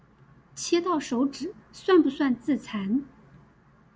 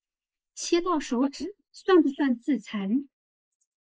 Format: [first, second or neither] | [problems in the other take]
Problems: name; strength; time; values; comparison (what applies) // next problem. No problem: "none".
first | noise reduction (neural mask model Resemble Enhance denoiser)